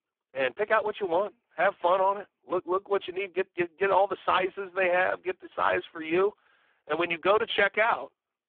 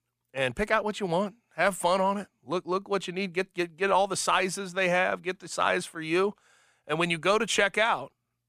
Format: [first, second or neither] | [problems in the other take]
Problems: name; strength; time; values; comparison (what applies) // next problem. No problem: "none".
second | phone-call audio; poor line